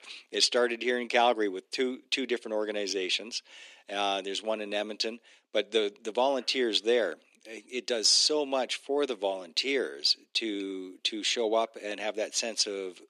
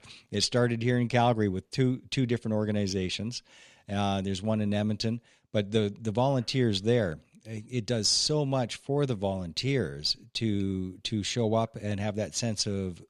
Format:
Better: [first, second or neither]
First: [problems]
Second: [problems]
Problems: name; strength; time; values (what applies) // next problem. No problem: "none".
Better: second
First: thin; somewhat; fading below 300 Hz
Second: none